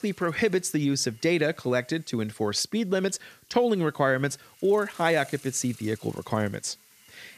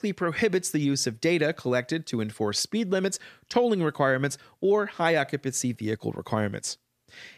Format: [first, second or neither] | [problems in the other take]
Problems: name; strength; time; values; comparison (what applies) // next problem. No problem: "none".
second | hiss; faint; throughout; 25 dB below the speech